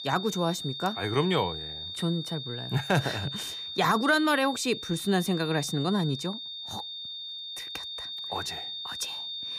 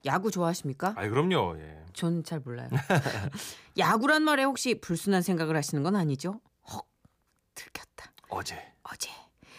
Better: second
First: high-pitched whine; loud; throughout; 3.5 kHz, 7 dB below the speech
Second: none

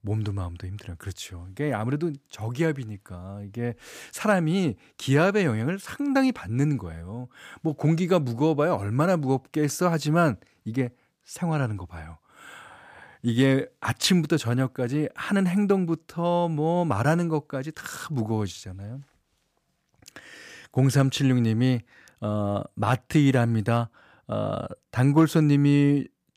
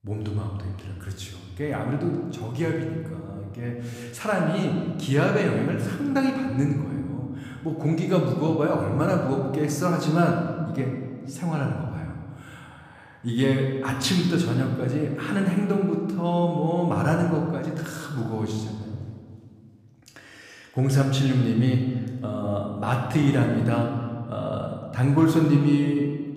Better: first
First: none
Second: room echo; noticeable; dies away in 1.6 s // off-mic speech; somewhat distant

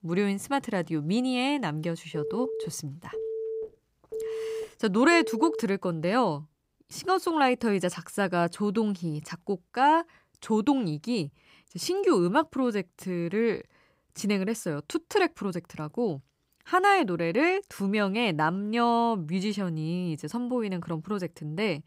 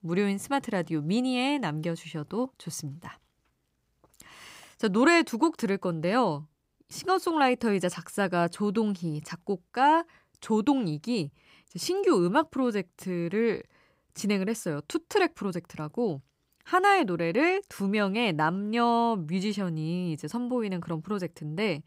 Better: second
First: phone ringing; noticeable; from 2 to 5.5 s; peak 6 dB below the speech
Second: none

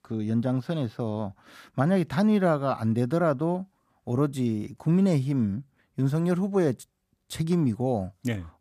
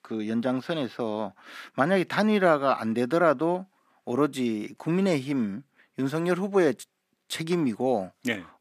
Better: first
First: none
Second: thin; very slightly; fading below 300 Hz

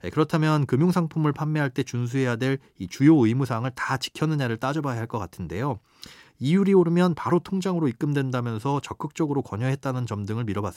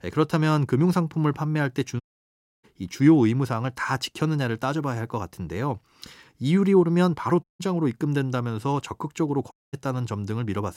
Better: first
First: none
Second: audio cutting out; at 2 s for 0.5 s, at 7.5 s and at 9.5 s

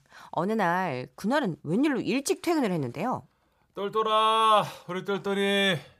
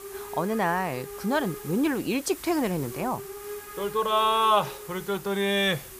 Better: first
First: none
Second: hiss; noticeable; throughout; 15 dB below the speech

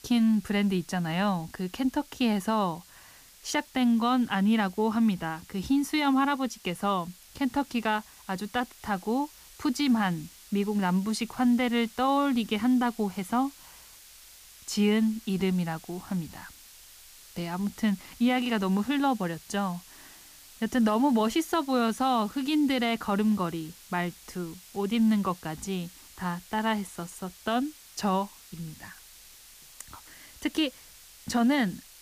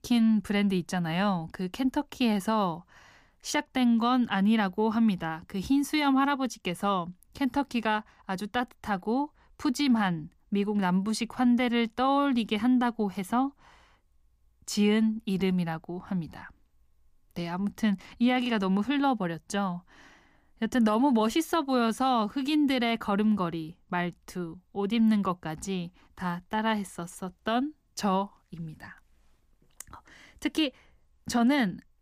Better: second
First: hiss; faint; throughout; 20 dB below the speech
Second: none

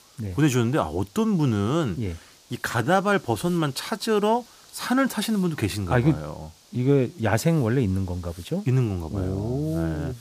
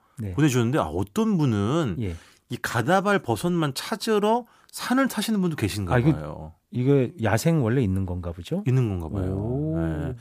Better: second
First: hiss; faint; throughout; 25 dB below the speech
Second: none

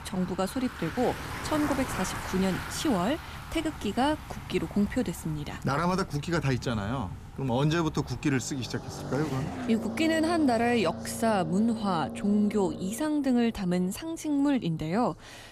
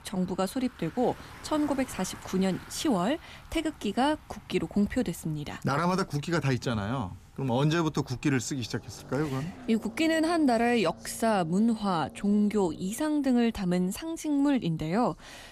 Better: second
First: traffic noise; loud; throughout; 10 dB below the speech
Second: traffic noise; faint; throughout; 20 dB below the speech

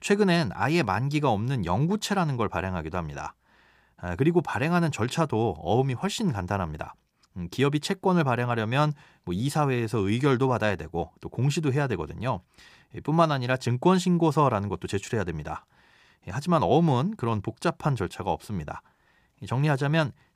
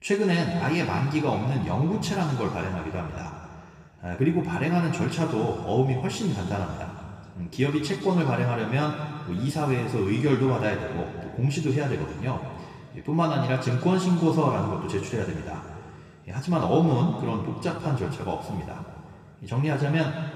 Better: first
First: none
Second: room echo; noticeable; dies away in 2.2 s // off-mic speech; somewhat distant

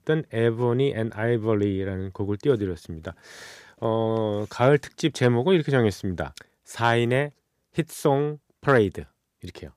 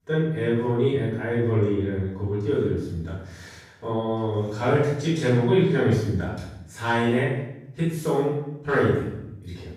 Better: first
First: none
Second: off-mic speech; far // room echo; strong; dies away in 0.8 s

